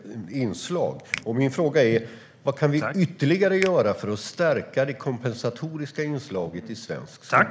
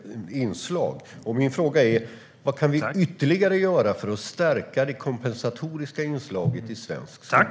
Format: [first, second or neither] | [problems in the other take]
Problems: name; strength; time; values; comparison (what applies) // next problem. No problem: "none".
second | noise reduction (neural mask model Resemble Enhance denoiser)